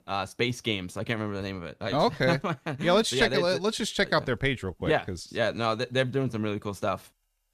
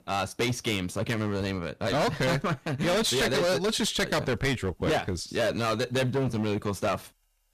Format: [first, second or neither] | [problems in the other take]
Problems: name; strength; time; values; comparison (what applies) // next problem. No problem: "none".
first | distortion; heavy; 18% of the sound clipped